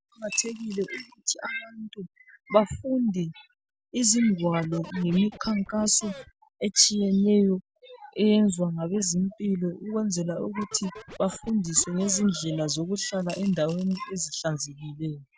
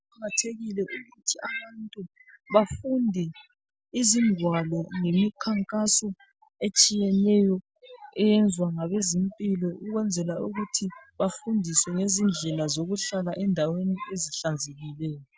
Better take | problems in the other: second | background sound (Coin (dropping) / Glass + Scratching (performance technique)); 19 dB below the speech

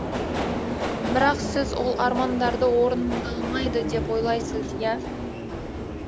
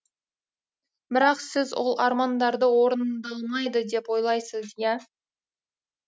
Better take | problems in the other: second | background sound (Subway, metro, underground); 2 dB below the speech

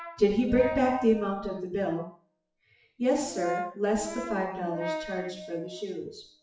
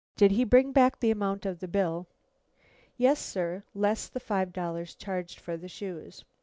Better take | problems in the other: second | noise reduction (classical method WPE with log-MMSE)

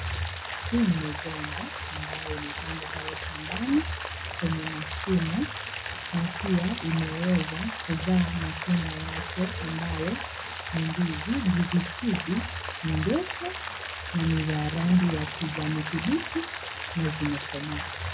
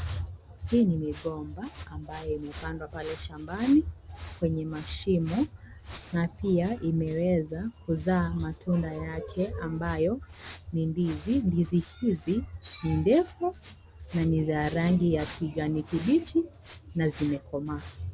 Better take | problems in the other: second | background sound (Rain); 7 dB below the speech // room echo; dies away in 0.3 s

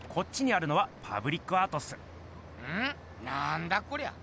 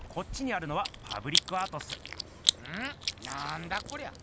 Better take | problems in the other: first | background sound (Chewing, mastication); 1 dB above the speech

